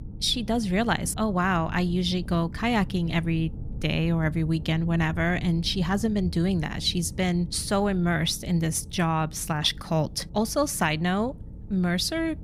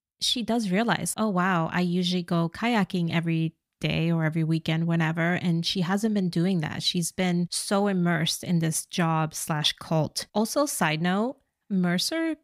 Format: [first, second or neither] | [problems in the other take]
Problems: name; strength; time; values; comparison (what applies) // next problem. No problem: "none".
second | low rumble; faint; throughout; 20 dB below the speech